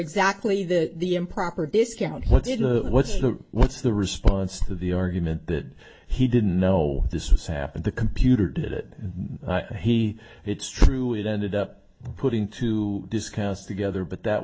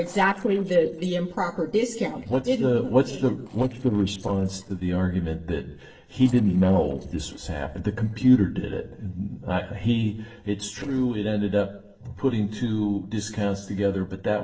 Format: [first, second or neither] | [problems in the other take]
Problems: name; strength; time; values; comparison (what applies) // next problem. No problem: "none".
first | noise reduction (neural separator model SepFormer DNS4)